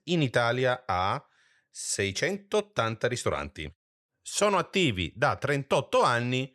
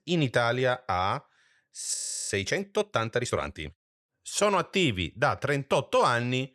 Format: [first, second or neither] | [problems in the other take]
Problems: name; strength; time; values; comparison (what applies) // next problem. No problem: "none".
first | audio freezing; at 2 s